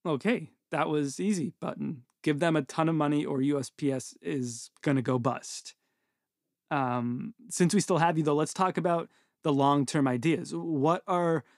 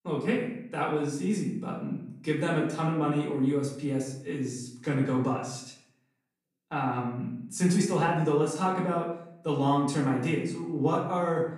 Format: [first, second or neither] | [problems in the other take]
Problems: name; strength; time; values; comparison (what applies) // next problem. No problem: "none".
first | off-mic speech; far // room echo; noticeable; dies away in 0.6 s